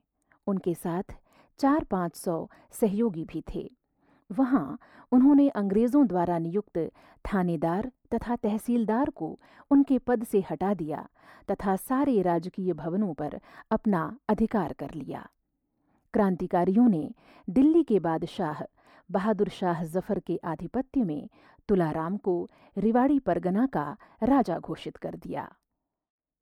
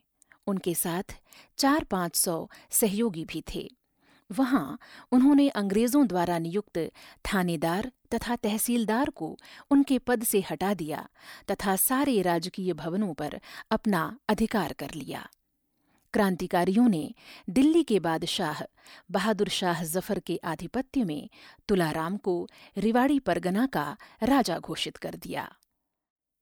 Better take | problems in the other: second | muffled; very; fading above 2 kHz

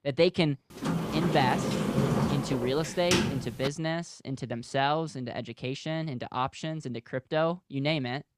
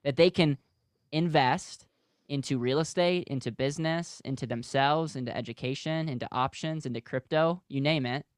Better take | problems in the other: second | door banging; loud; from 1 to 3.5 s; peak 4 dB above the speech

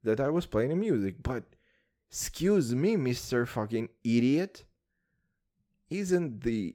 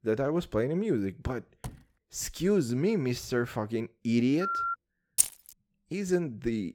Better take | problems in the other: first | door banging; faint; at 1.5 s; peak 15 dB below the speech // phone ringing; noticeable; at 4.5 s; peak 1 dB below the speech // jangling keys; loud; at 5 s; peak 4 dB above the speech

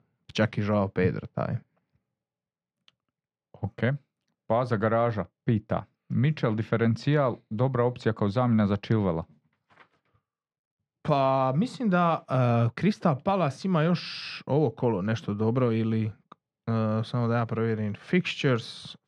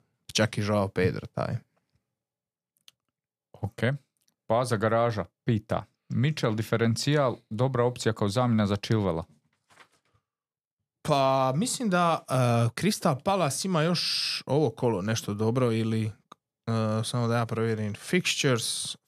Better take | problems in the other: second | muffled; slightly; fading above 2.5 kHz

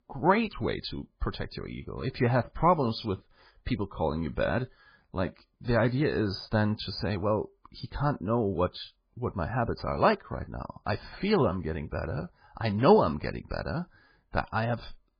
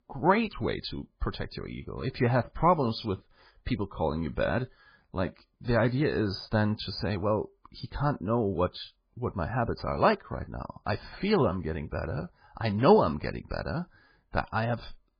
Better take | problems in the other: neither | garbled, watery; badly; the same in both

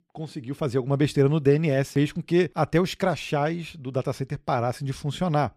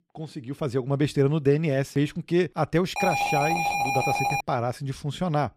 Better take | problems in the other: first | alarm; loud; from 3 to 4.5 s; peak 2 dB above the speech

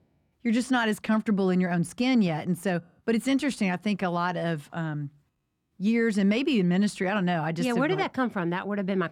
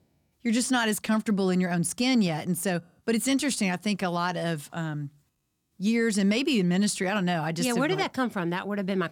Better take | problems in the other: second | muffled; slightly; fading above 4 kHz

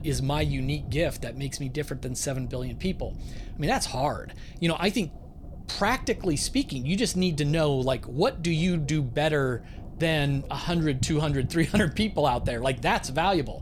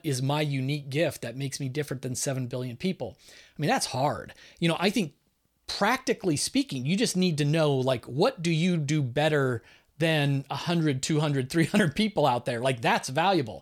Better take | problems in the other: second | low rumble; faint; throughout; 20 dB below the speech

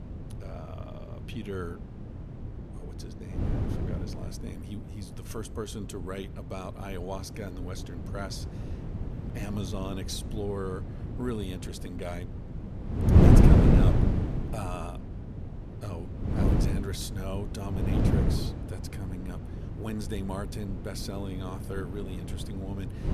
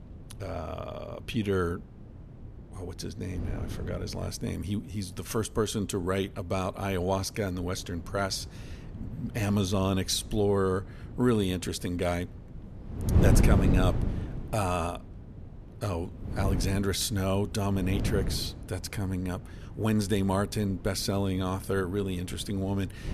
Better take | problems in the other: second | wind noise on the microphone; heavy; 3 dB above the speech; occasional gusts in the second

